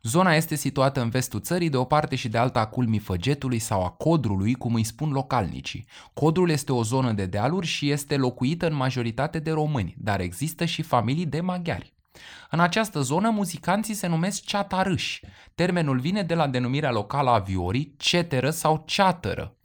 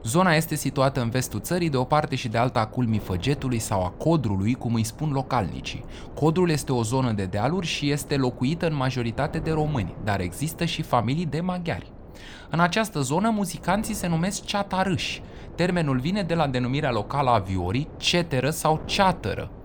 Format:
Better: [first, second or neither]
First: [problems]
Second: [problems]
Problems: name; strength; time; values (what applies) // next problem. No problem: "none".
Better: first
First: none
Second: wind noise on the microphone; occasional gusts; 20 dB below the speech